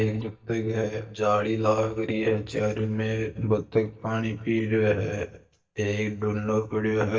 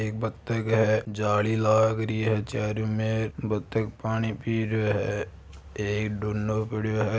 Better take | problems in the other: second | noise reduction (neural mask model DeepFilterNet 3)

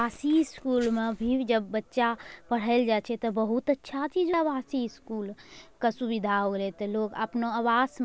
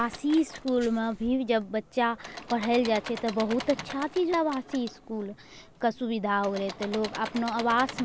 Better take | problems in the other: first | background sound (Engine / Mechanisms); 14 dB below the speech

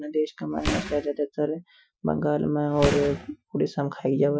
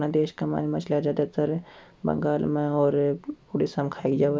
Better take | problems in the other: second | noise reduction (classical method Wiener filter)

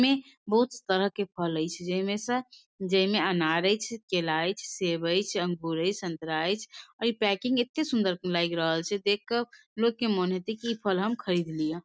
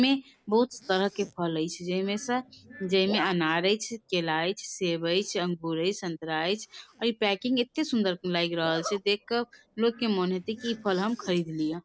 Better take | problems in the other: first | background sound (Glass + Zipper (clothing)); 19 dB below the speech

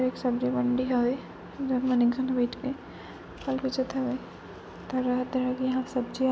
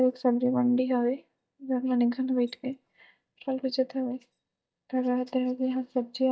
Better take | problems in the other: first | noise reduction (neural mask model DeepFilterNet 3)

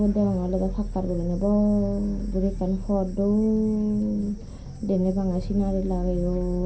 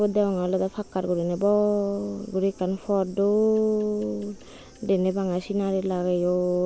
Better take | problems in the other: second | background sound (Vehicle); 7 dB below the speech // room echo; dies away in 0.3 s

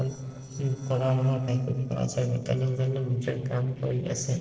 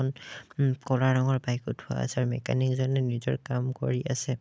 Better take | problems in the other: second | noise reduction (neural separator model SepFormer DNS4)

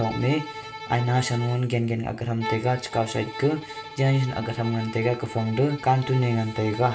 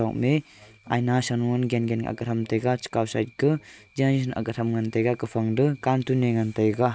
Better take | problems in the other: second | background sound (Bowed string instrument); 13 dB below the speech // room echo; dies away in 0.4 s

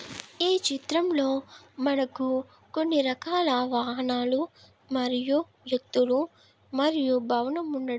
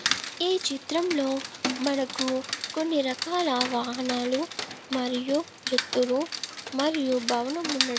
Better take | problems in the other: first | background sound (Rain); 6 dB below the speech

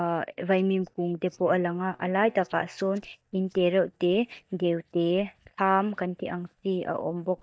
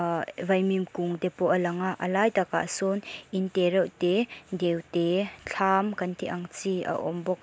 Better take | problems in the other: second | noise reduction (neural mask model DeepFilterNet 3)

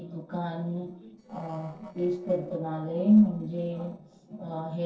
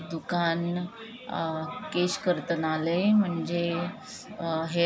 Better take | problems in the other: second | noise reduction (neural separator model SepFormer DNS4)

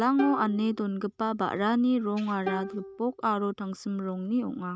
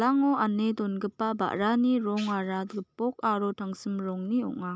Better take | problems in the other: second | noise reduction (neural mask model RNNoise)

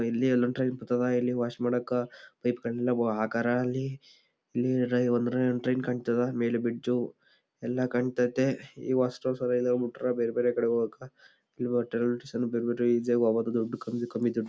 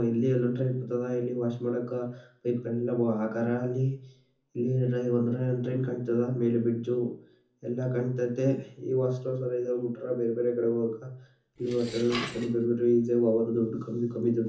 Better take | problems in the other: first | background sound (Dishes, pots, and pans); 13 dB below the speech // room echo; dies away in 0.7 s

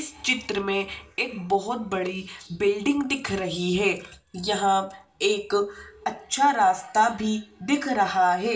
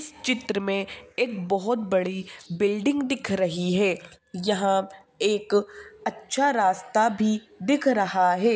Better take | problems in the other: second | room echo; dies away in 0.2 s

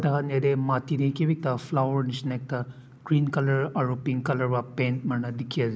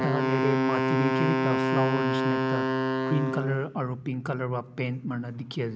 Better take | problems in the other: first | background sound (Wind instrument, woodwind instrument); 2 dB above the speech

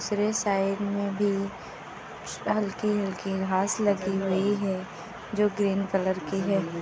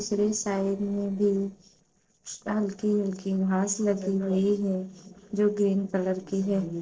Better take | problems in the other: first | noise reduction (neural separator model SepFormer DNS4)

